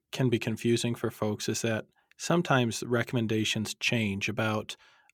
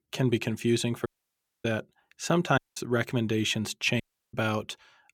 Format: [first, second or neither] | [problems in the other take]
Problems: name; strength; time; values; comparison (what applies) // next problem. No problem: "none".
first | audio cutting out; at 1 s for 0.5 s, at 2.5 s and at 4 s